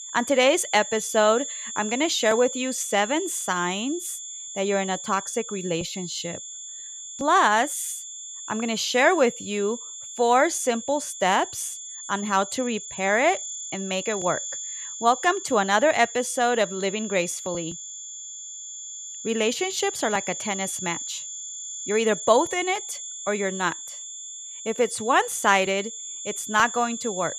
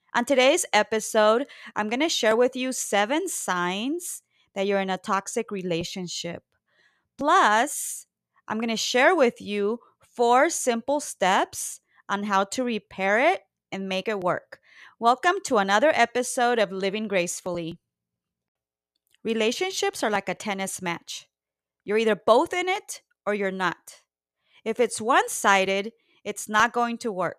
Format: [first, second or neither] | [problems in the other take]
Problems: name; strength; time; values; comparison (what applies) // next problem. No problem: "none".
second | high-pitched whine; loud; throughout; 7.5 kHz, 9 dB below the speech